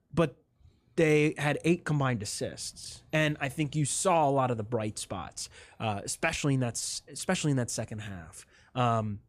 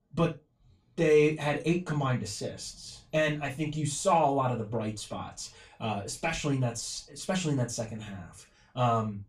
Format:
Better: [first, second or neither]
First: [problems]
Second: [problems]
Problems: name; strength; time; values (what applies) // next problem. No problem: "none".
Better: first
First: none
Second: room echo; slight; dies away in 0.2 s // off-mic speech; far